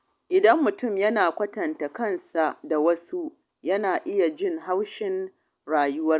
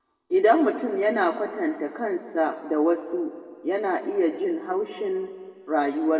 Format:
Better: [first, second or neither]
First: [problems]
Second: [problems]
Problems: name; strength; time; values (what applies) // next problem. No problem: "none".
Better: first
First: none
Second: room echo; dies away in 1.6 s